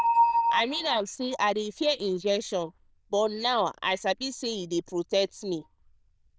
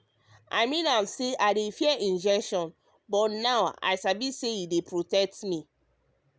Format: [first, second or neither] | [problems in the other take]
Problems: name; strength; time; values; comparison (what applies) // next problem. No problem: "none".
second | noise reduction (neural diffusion model UNIVERSE++)